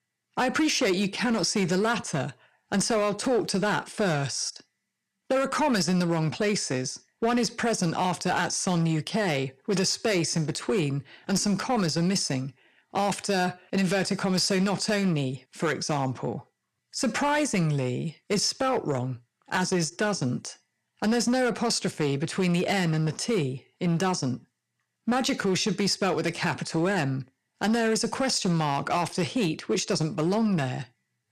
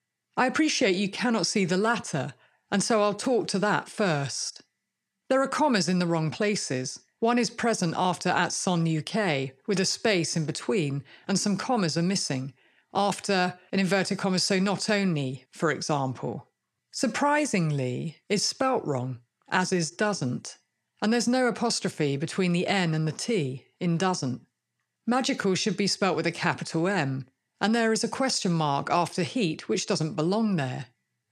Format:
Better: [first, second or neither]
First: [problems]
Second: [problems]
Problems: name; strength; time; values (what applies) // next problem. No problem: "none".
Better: second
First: distortion; slight; 7% of the sound clipped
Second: none